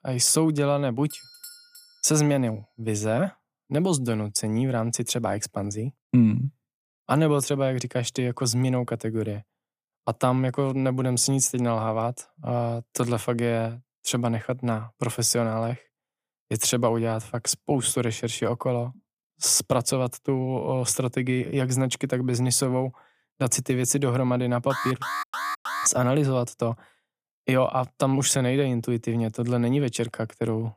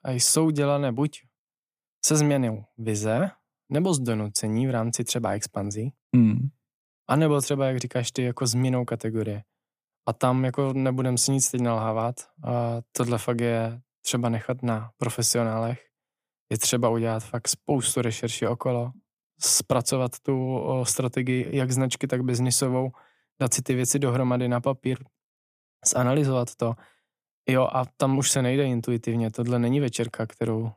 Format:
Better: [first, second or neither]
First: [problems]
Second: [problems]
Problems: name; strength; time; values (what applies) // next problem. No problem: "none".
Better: second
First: doorbell; faint; at 1 s; peak 15 dB below the speech // alarm; noticeable; from 25 to 26 s; peak 4 dB below the speech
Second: none